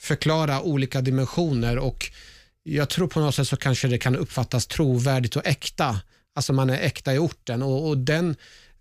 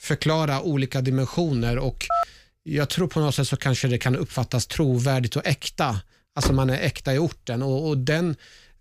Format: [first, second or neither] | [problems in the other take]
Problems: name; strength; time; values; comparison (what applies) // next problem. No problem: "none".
first | phone ringing; noticeable; at 2 s; peak 1 dB below the speech // door banging; noticeable; at 6.5 s; peak 4 dB below the speech